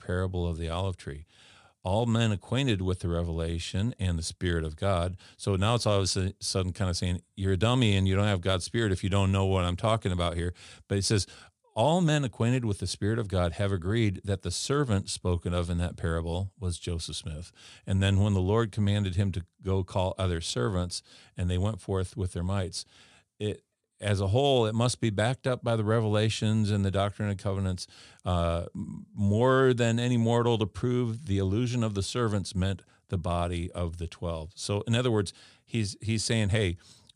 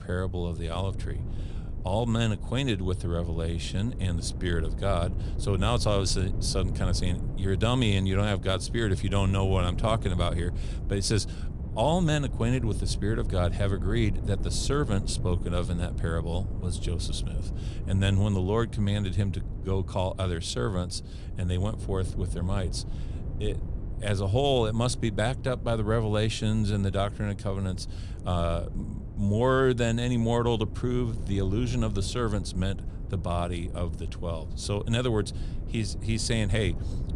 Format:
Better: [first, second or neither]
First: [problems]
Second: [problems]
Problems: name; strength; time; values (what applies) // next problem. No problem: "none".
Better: first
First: none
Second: wind noise on the microphone; occasional gusts; 15 dB below the speech